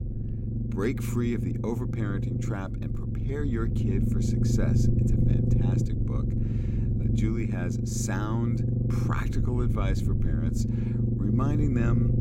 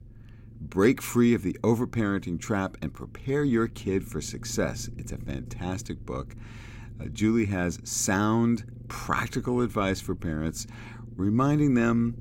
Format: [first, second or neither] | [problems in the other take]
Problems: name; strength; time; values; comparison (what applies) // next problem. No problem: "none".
second | low rumble; loud; throughout; as loud as the speech; faint in the second